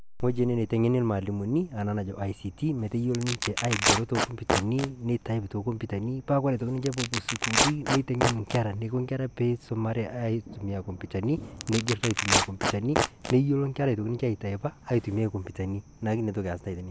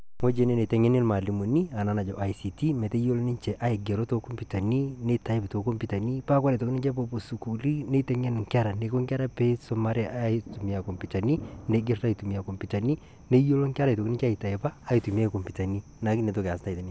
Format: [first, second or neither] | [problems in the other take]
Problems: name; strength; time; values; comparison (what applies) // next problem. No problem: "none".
second | background sound (Tearing); 2 dB below the speech